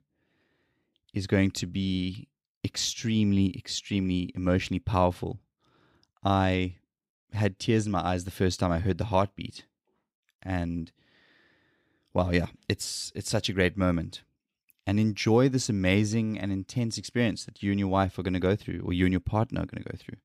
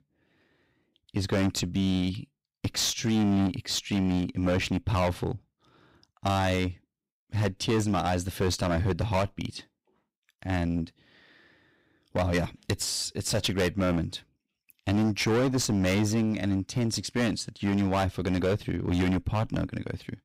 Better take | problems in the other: first | distortion; heavy; 15% of the sound clipped

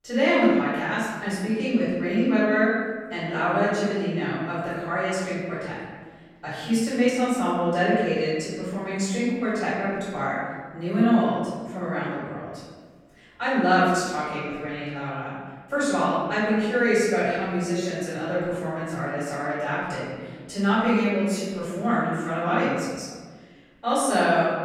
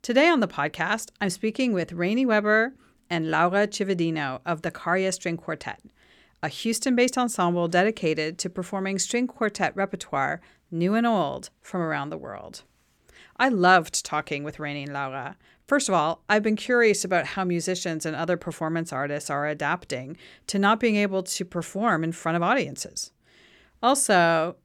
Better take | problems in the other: second | off-mic speech; far // room echo; strong; dies away in 1.4 s

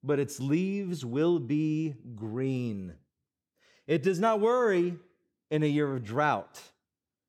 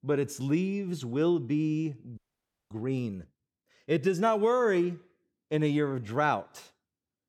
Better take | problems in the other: first | audio freezing; at 2 s for 0.5 s

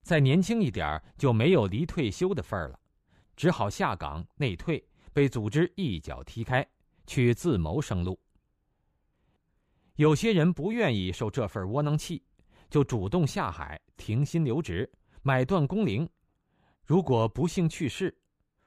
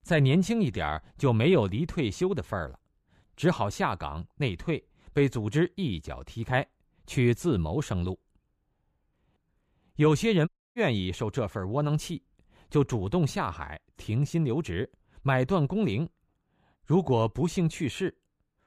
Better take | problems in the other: first | audio cutting out; at 10 s

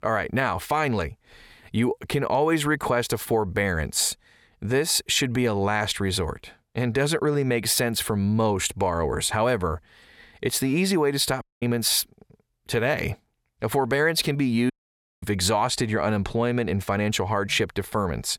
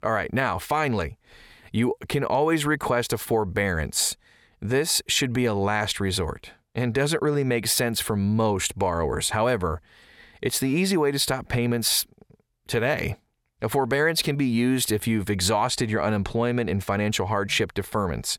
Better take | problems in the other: second | audio cutting out; at 11 s and at 15 s for 0.5 s

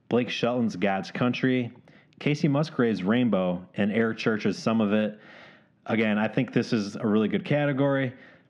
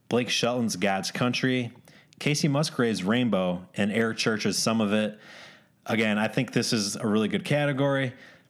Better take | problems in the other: second | muffled; slightly; fading above 3 kHz

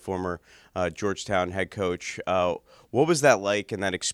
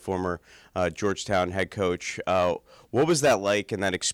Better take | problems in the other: first | distortion; slight; 3% of the sound clipped

